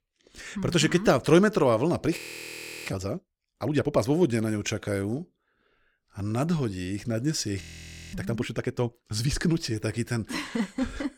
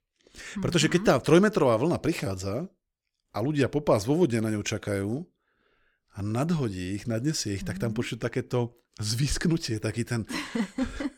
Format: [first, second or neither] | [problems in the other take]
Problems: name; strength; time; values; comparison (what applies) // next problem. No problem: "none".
second | audio freezing; at 2 s for 0.5 s and at 7.5 s for 0.5 s